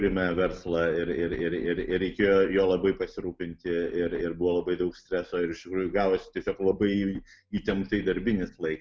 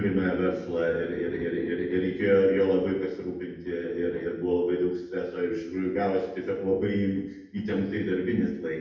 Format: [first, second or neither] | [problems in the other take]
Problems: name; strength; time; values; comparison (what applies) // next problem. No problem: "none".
first | room echo; dies away in 0.8 s